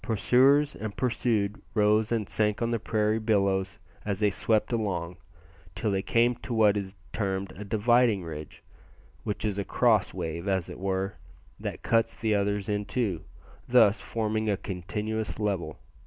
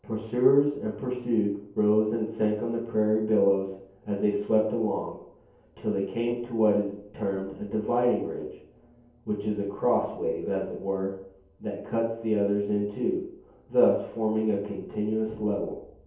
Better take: first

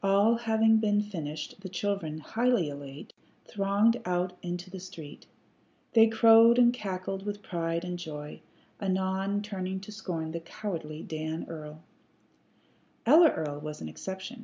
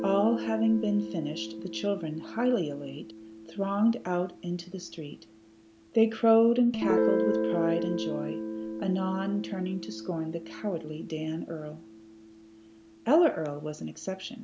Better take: first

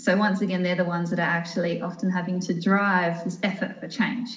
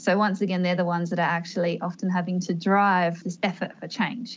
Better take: second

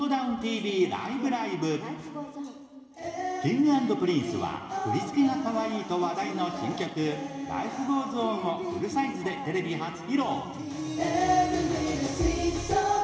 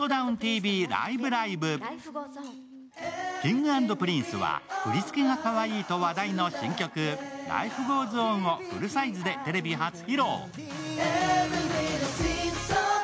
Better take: second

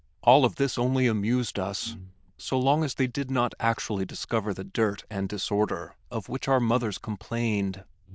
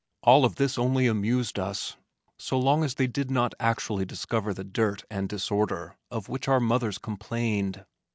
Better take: second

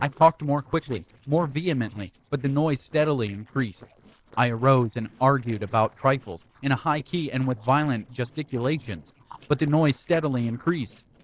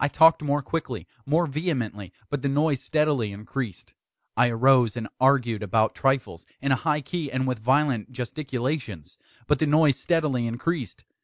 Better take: second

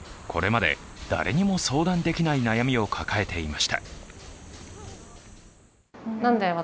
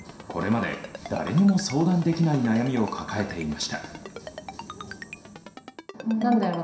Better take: first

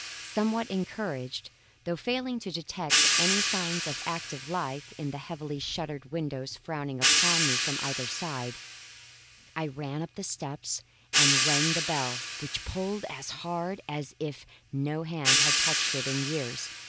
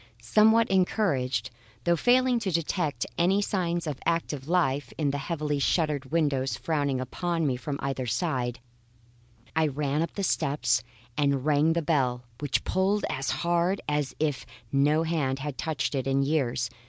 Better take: second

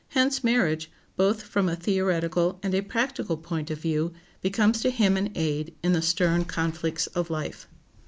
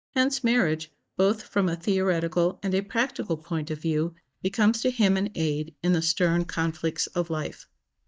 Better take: first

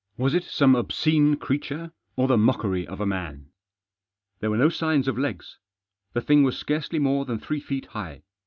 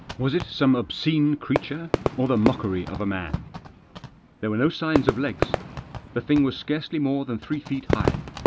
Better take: first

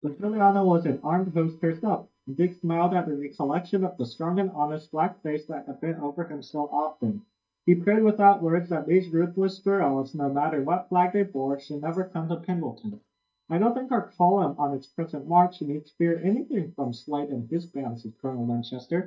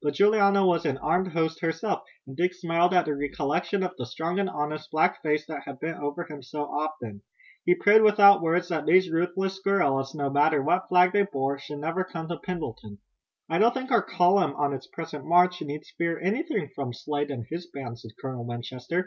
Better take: second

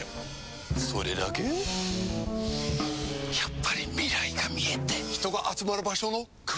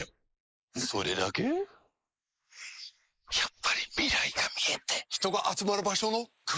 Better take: first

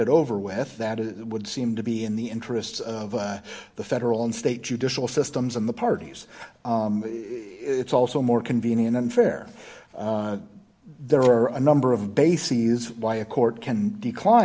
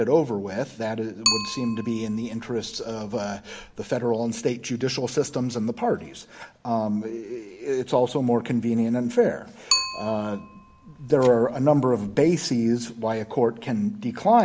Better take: first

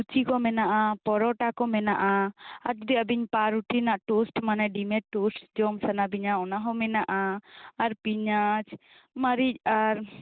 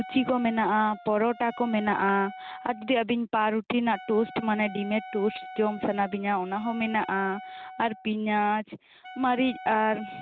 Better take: first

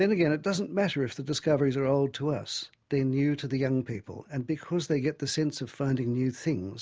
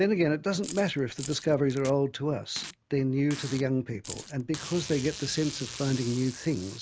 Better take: first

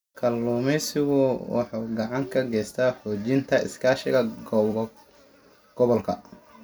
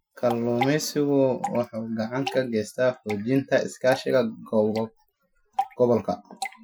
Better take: first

